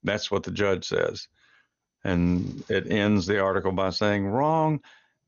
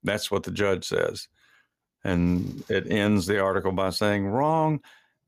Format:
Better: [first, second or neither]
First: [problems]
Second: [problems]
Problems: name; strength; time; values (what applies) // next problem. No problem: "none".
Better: second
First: garbled, watery; slightly; nothing above 6.5 kHz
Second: none